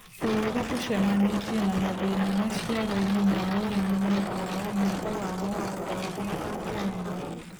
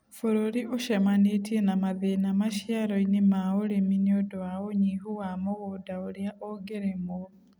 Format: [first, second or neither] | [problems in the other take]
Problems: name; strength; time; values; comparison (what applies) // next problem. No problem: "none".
second | noise reduction (neural mask model Resemble Enhance denoiser)